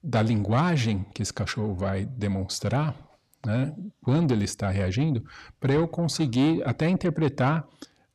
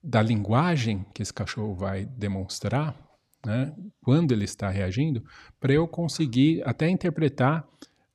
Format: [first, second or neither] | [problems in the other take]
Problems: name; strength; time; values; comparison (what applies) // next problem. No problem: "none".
second | distortion; slight; 10 dB below the speech